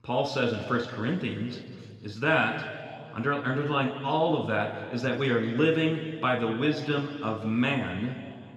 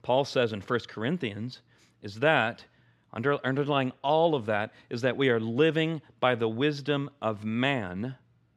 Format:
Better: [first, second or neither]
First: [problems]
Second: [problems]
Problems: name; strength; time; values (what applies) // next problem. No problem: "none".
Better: second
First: room echo; noticeable; dies away in 2 s // off-mic speech; somewhat distant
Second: none